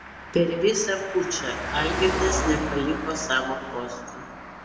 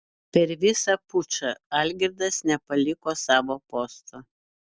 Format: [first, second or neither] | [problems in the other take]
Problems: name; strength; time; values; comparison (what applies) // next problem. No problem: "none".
second | background sound (Car passing by); 5 dB below the speech // room echo; dies away in 1.1 s